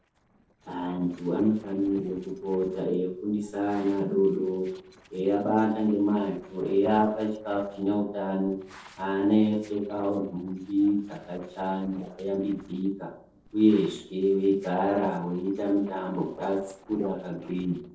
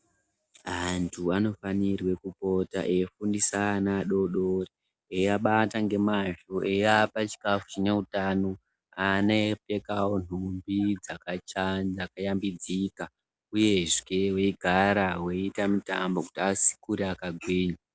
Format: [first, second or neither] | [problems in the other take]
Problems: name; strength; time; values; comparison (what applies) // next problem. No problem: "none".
second | noise reduction (neural separator model SepFormer DNS4)